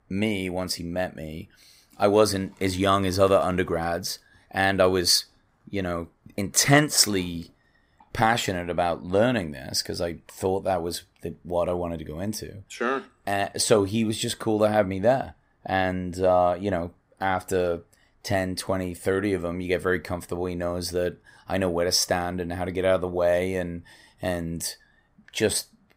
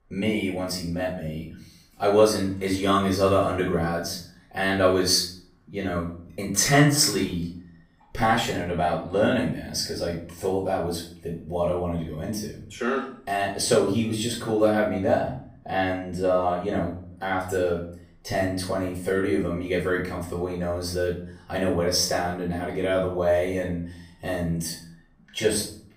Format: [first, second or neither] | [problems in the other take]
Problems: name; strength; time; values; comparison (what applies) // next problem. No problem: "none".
first | off-mic speech; far // room echo; noticeable; dies away in 0.5 s